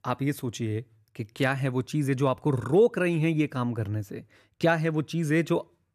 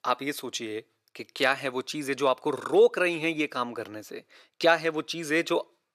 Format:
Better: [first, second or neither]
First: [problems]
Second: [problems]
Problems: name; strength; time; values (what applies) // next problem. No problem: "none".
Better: first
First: none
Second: thin; somewhat; fading below 500 Hz